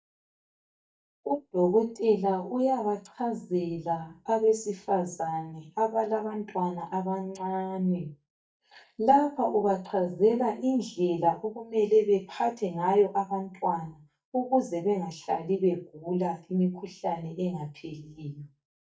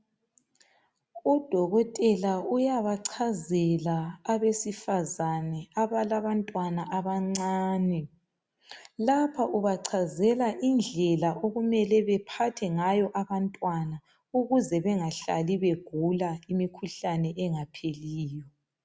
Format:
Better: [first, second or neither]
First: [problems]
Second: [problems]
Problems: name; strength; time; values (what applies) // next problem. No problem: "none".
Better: second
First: noise reduction (neural mask model DeepFilterNet 3)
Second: none